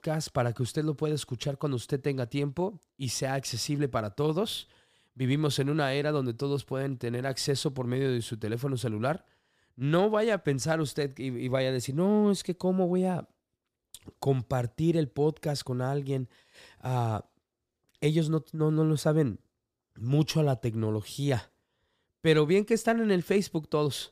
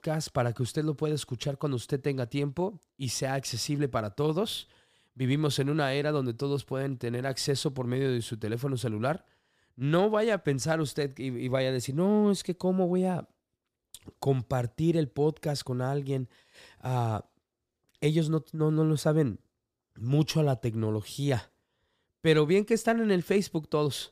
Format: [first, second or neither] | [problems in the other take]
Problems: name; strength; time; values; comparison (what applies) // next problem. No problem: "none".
neither | none